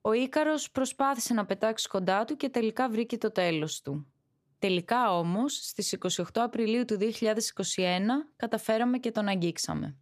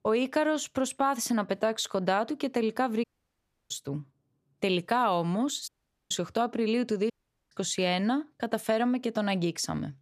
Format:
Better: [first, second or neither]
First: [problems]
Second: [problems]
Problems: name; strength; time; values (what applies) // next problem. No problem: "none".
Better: first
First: none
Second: audio cutting out; at 3 s for 0.5 s, at 5.5 s and at 7 s